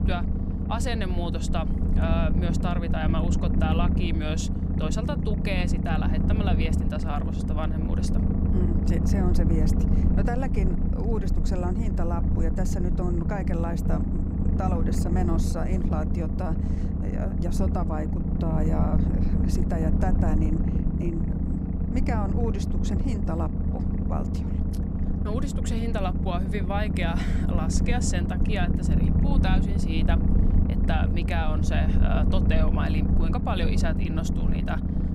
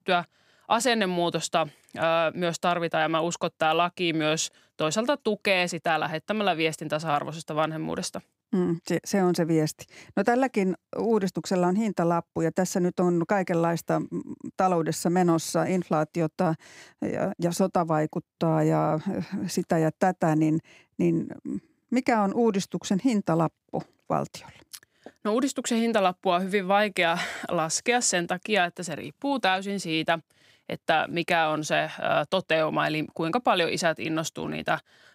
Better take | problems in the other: second | low rumble; loud; throughout; 2 dB below the speech

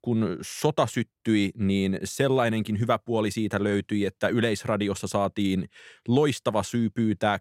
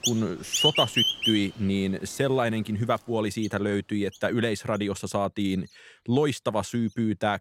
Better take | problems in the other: first | animal sounds; very loud; throughout; 3 dB above the speech

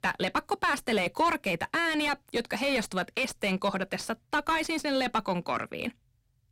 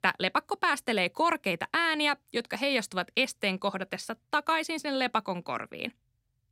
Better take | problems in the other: second | distortion; heavy; 7 dB below the speech

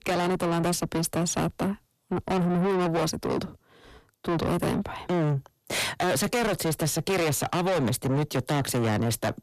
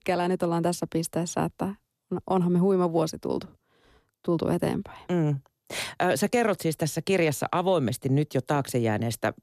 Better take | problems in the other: second | distortion; heavy; 6 dB below the speech

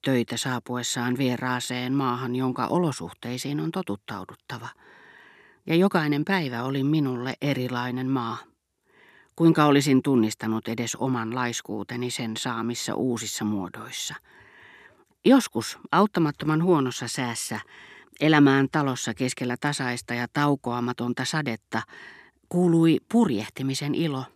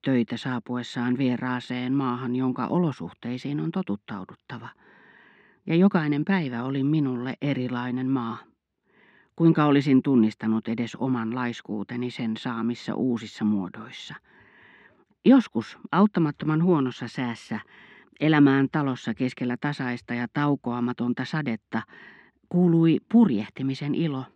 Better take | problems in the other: first | muffled; slightly; fading above 3 kHz

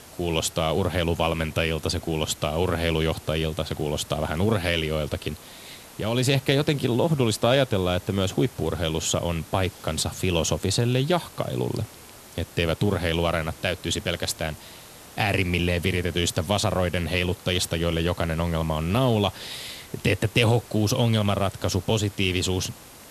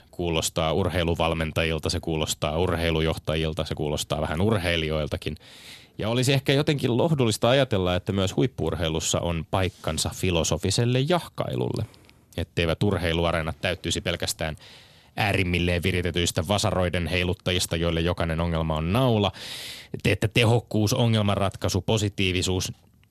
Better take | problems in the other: second | hiss; noticeable; throughout; 20 dB below the speech

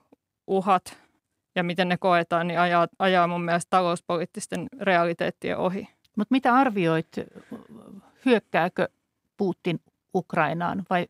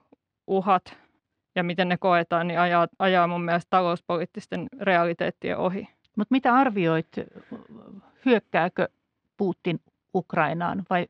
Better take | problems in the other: first | muffled; very slightly; fading above 4 kHz

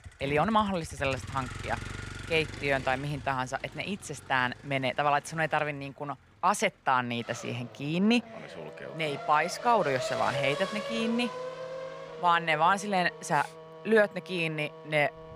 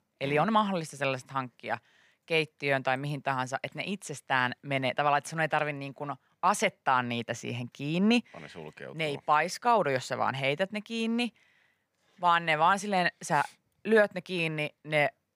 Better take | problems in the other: second | traffic noise; noticeable; throughout; 10 dB below the speech

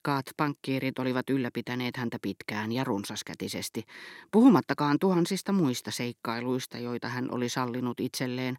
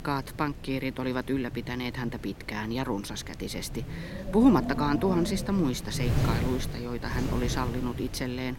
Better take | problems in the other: first | wind noise on the microphone; heavy; 9 dB below the speech

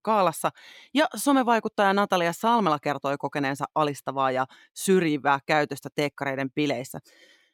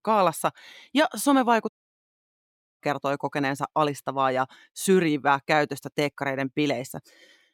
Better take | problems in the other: first | audio cutting out; at 1.5 s for 1 s

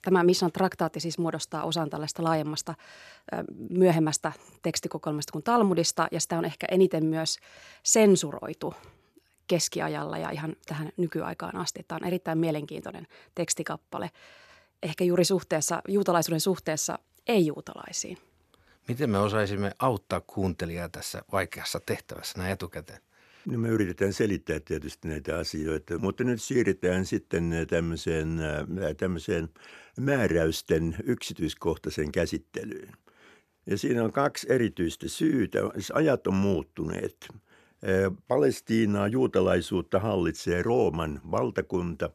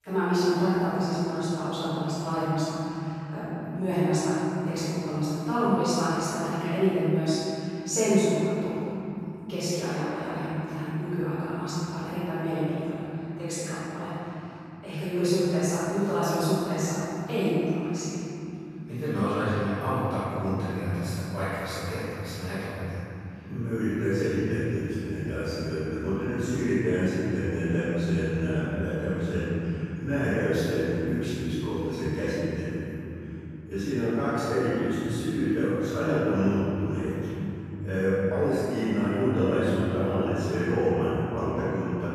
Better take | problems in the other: first | room echo; strong; dies away in 3 s // off-mic speech; far

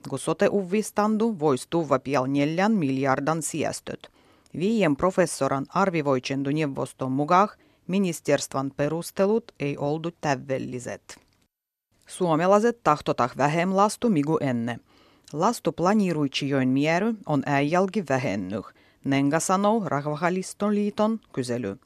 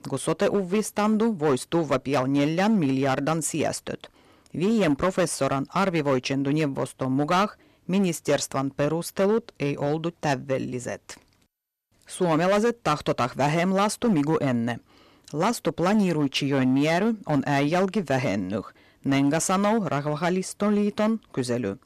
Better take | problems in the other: first | distortion; slight; 7% of the sound clipped

